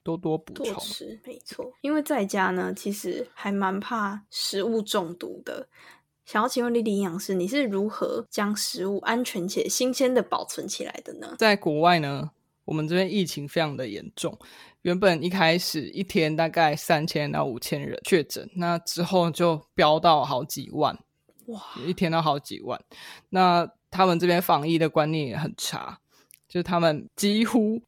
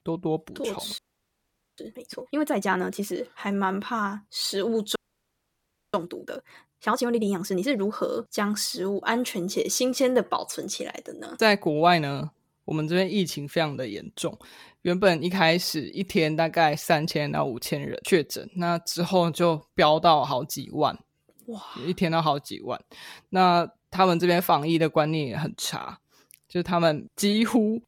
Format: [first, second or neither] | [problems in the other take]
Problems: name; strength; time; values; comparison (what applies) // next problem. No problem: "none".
first | audio freezing; at 1 s for 1 s and at 5 s for 1 s